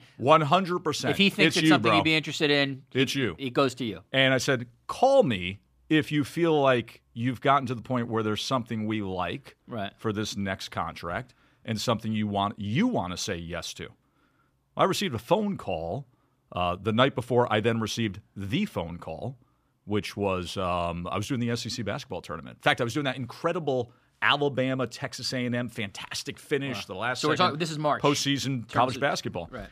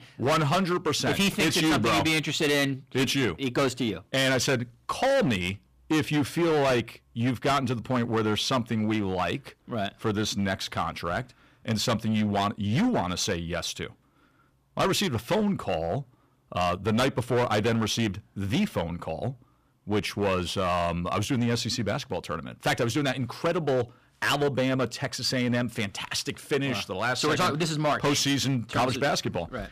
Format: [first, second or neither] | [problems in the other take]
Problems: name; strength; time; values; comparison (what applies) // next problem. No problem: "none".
first | distortion; heavy; 12% of the sound clipped